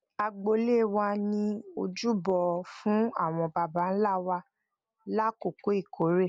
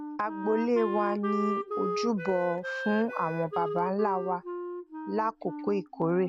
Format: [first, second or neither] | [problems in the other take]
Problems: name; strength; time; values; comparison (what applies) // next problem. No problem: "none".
first | background sound (Wind instrument, woodwind instrument); 5 dB below the speech